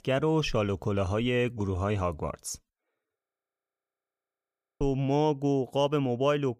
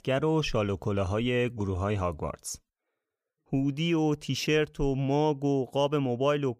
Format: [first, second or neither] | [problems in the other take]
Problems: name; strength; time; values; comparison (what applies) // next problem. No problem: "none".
second | audio freezing; at 3 s for 1.5 s